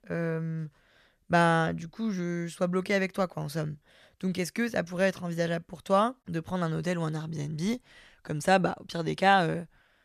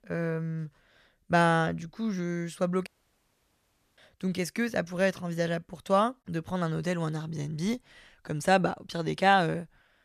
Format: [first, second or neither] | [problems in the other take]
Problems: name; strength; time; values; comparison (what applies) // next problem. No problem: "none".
first | audio cutting out; at 3 s for 1 s